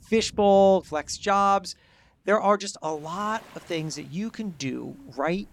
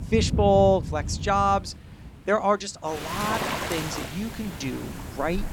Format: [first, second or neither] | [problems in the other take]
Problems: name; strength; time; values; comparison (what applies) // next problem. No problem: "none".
first | rain or running water; loud; throughout; 5 dB below the speech; faint in the first